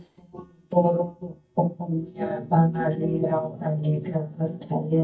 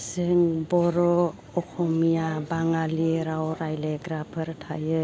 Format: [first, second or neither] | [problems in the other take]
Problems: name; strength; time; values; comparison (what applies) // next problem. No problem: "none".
second | noise reduction (neural mask model DeepFilterNet 3)